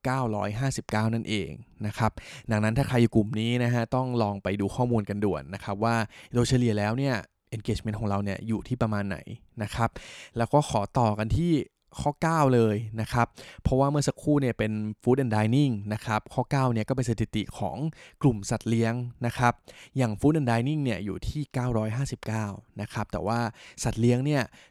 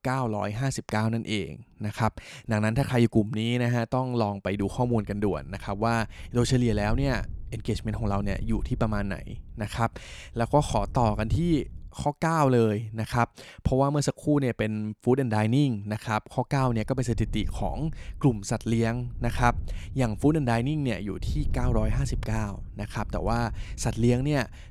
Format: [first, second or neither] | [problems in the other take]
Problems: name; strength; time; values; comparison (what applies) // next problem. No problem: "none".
first | wind noise on the microphone; occasional gusts; from 4.5 to 12 s and from 17 s on; 25 dB below the speech